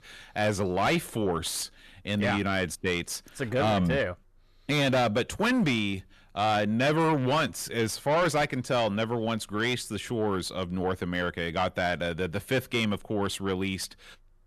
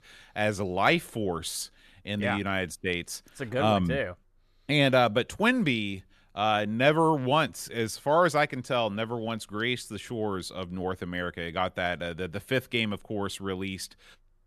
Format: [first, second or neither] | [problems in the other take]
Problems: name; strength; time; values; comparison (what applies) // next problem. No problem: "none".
second | distortion; heavy; 7 dB below the speech